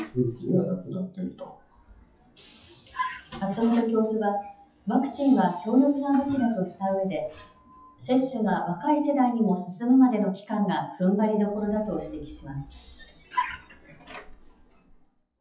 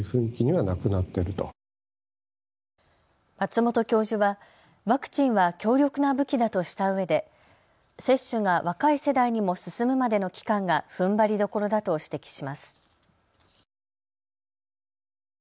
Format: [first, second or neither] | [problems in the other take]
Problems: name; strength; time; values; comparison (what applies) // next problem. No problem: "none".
second | noise reduction (classical method WPE with log-MMSE)